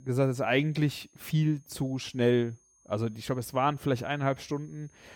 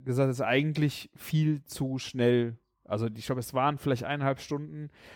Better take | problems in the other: second | high-pitched whine; faint; throughout; 6.5 kHz, 35 dB below the speech

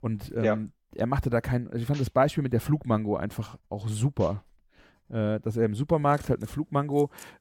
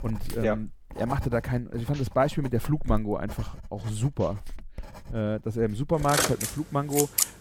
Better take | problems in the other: first | household noises; loud; throughout; 3 dB below the speech; faint in the first

